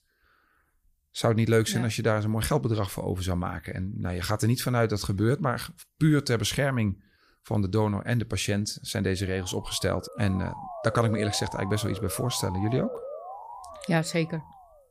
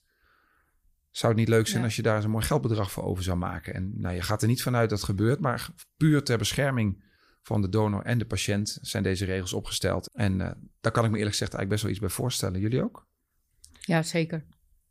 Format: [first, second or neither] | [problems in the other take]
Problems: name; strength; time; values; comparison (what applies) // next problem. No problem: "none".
second | siren; noticeable; from 9 s on; peak 8 dB below the speech